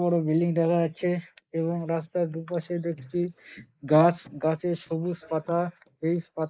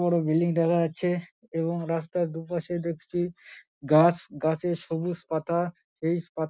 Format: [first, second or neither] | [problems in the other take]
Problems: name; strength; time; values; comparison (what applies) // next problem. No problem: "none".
second | noise reduction (neural mask model Resemble Enhance denoiser)